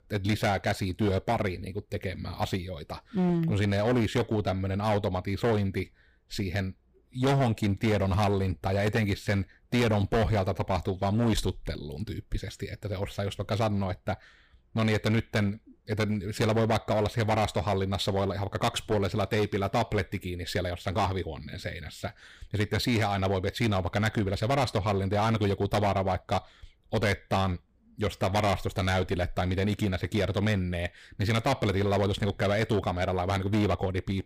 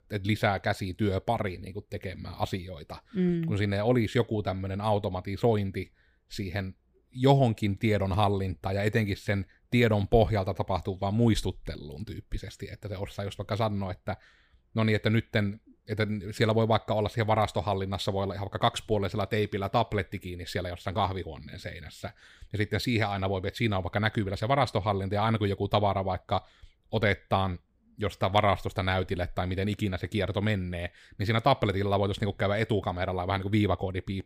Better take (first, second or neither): second